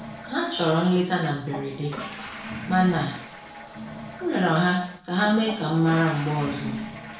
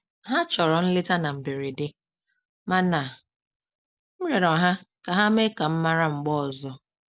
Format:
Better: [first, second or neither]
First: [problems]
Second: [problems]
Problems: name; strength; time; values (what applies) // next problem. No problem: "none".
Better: second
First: background sound (Toilet flush / Water); 12 dB below the speech // room echo; dies away in 0.6 s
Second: none